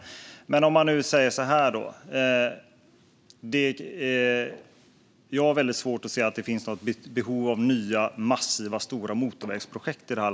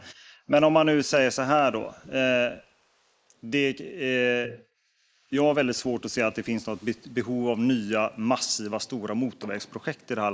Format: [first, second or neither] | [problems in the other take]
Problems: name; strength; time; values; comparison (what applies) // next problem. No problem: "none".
first | noise reduction (neural mask model Resemble Enhance denoiser)